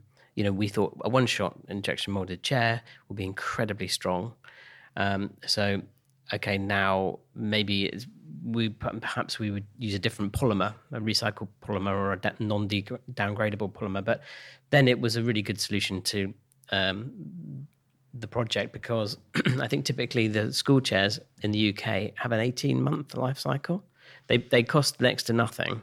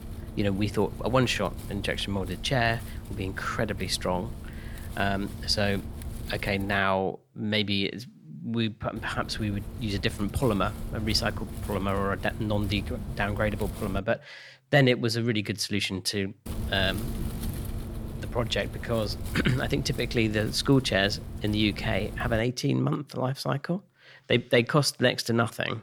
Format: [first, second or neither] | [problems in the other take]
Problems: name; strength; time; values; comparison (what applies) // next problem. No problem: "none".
first | wind noise on the microphone; occasional gusts; until 7 s, from 9 to 14 s and from 16 to 22 s; 20 dB below the speech